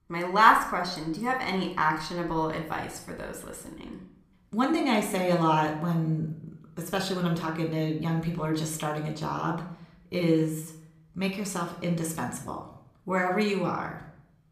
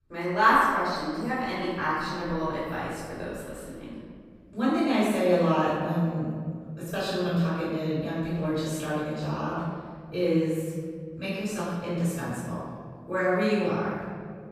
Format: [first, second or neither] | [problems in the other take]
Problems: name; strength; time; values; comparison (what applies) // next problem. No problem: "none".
first | room echo; strong; dies away in 1.9 s; slight in the first // off-mic speech; far; somewhat distant in the first